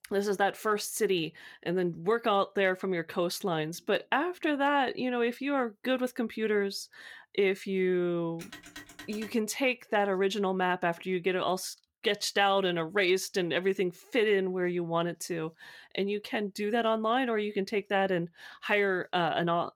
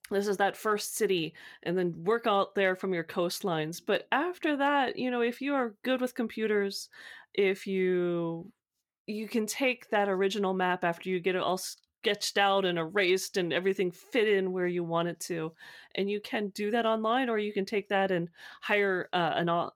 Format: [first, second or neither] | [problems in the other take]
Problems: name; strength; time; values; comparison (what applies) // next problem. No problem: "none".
second | phone ringing; faint; at 8.5 s; peak 15 dB below the speech